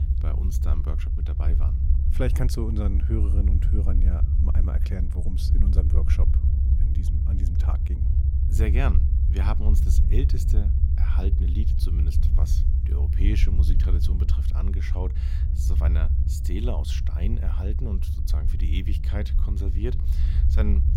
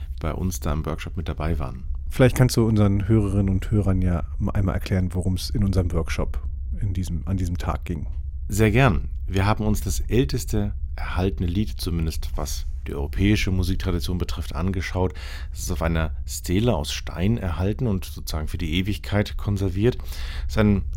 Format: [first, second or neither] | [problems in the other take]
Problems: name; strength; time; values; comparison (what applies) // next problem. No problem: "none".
second | low rumble; loud; throughout; 3 dB below the speech; faint in the second